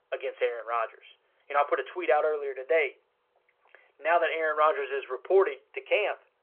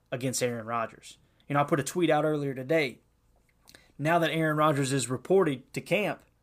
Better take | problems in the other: second | phone-call audio

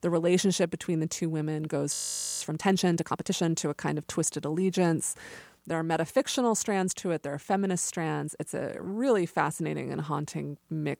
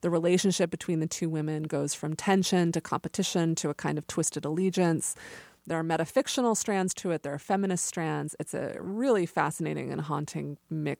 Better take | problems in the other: second | audio freezing; at 2 s

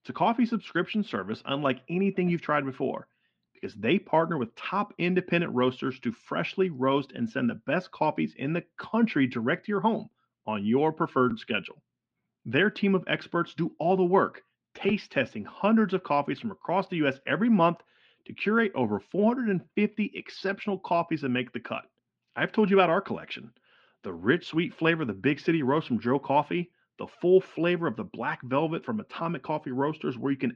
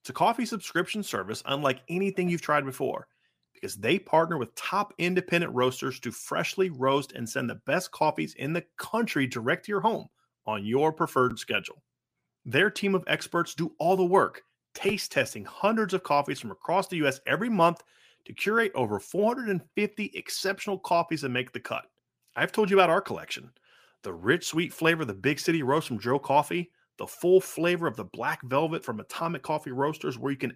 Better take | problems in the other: second | muffled; slightly; fading above 4 kHz

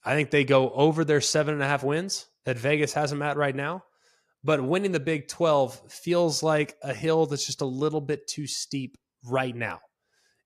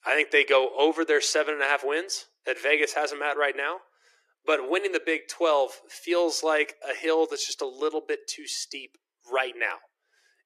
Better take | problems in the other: first | thin; very; fading below 300 Hz

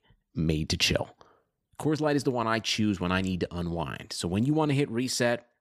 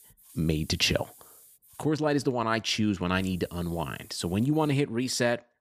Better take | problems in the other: first | hiss; faint; until 2 s and from 3 to 4.5 s; 25 dB below the speech

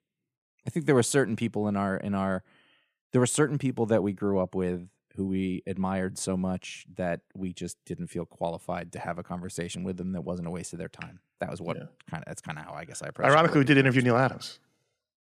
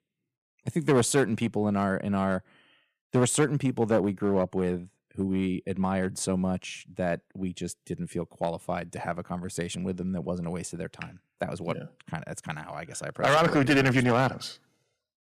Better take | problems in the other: first | distortion; slight; 2% of the sound clipped

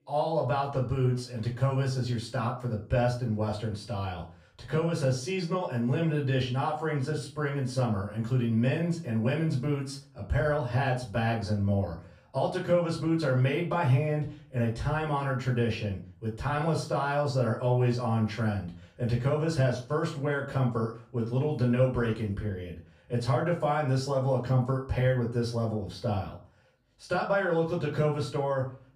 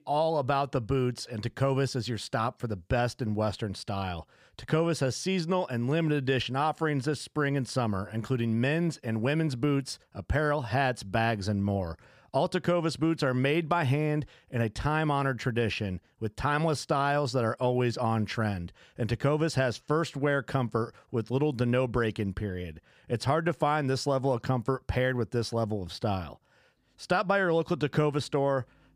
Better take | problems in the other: second | off-mic speech; far // room echo; slight; dies away in 0.3 s

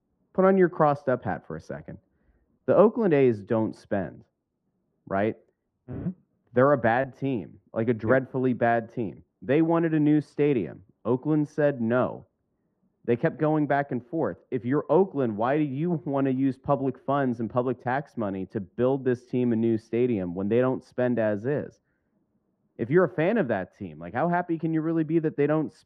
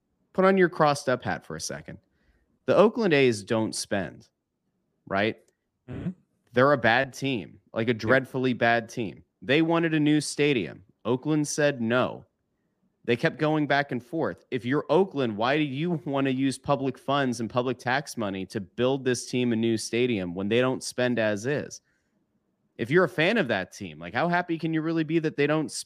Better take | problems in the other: second | muffled; very; fading above 3 kHz

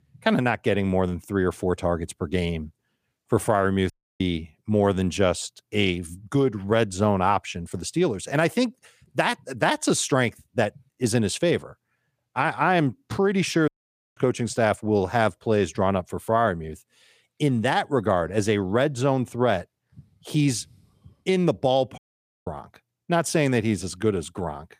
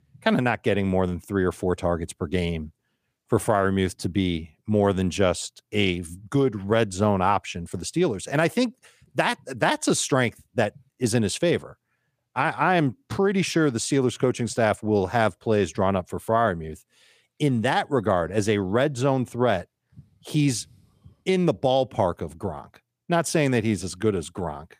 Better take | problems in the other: second | audio cutting out; at 4 s, at 14 s and at 22 s

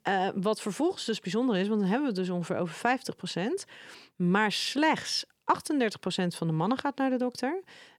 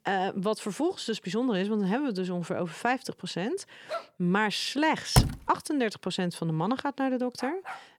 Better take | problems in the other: first | dog barking; noticeable; at 4 s; peak 9 dB below the speech // door banging; loud; at 5 s; peak 4 dB above the speech // dog barking; faint; at 7.5 s; peak 10 dB below the speech

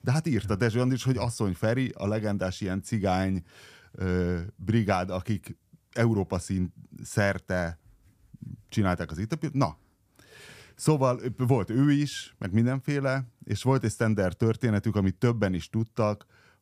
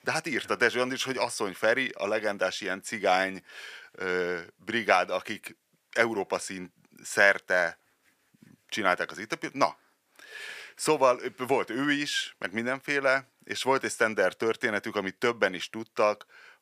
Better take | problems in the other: first | thin; very; fading below 500 Hz

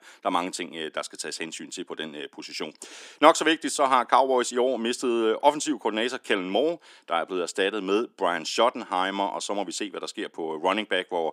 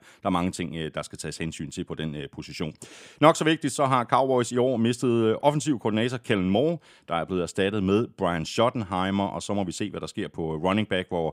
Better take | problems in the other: second | thin; somewhat; fading below 300 Hz

